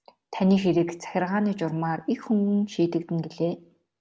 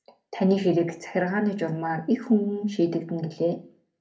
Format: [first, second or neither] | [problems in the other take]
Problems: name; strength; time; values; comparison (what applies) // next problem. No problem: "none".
first | room echo; dies away in 0.3 s